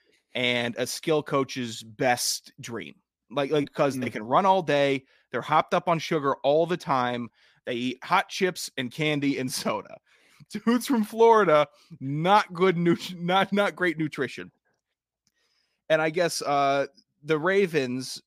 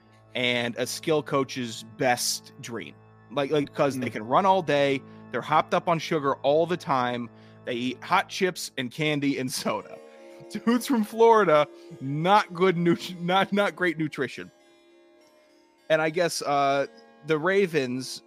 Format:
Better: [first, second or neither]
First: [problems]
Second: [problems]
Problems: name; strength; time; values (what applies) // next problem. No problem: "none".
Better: first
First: none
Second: background music; faint; throughout; 25 dB below the speech